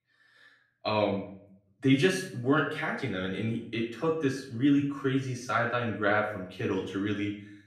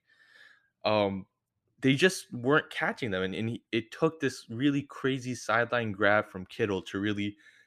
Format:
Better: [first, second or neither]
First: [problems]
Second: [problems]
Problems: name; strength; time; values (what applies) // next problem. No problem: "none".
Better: second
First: off-mic speech; far // room echo; slight; dies away in 0.5 s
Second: none